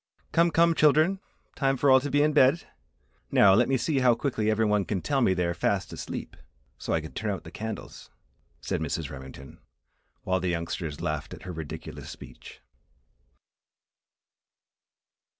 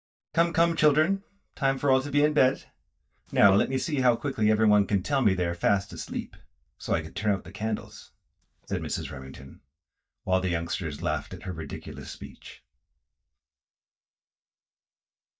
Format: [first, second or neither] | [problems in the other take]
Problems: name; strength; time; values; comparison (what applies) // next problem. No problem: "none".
first | noise reduction (neural mask model DeepFilterNet 3)